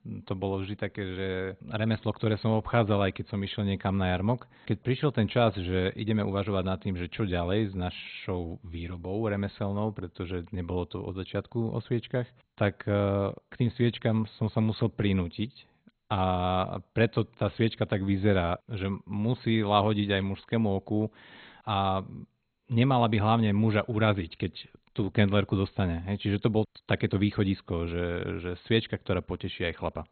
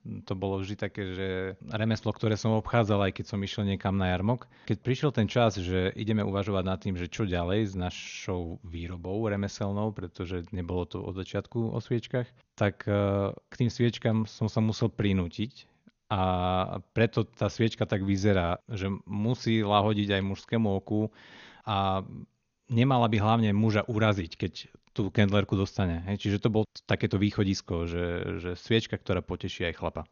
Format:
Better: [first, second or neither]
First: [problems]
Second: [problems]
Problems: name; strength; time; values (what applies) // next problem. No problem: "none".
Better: second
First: garbled, watery; badly; nothing above 4 kHz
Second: garbled, watery; slightly; nothing above 6.5 kHz